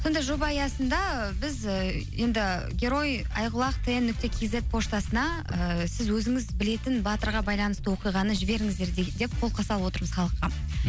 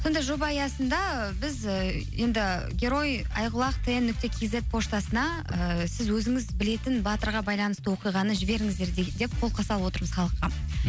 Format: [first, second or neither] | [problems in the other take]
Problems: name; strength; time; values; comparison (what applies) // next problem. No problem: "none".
second | background sound (Boom); 11 dB below the speech